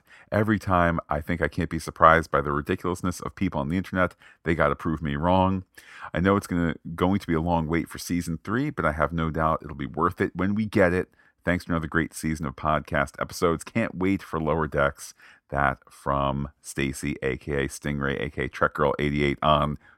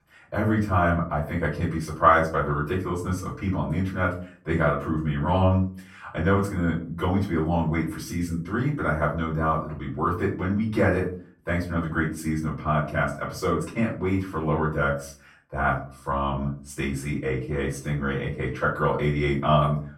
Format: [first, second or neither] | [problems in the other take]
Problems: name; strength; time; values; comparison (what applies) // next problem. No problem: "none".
first | room echo; slight; dies away in 0.4 s // off-mic speech; far